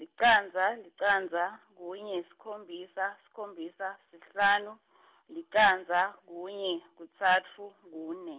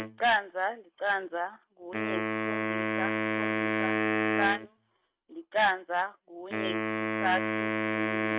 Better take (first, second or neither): first